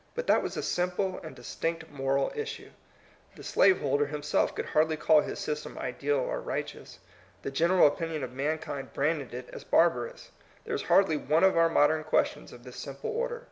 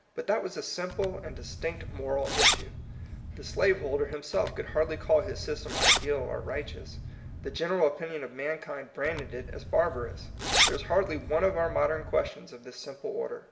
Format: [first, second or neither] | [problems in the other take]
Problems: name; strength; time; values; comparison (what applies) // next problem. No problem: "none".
first | background sound (Zipper (clothing)); 1 dB below the speech // room echo; dies away in 0.6 s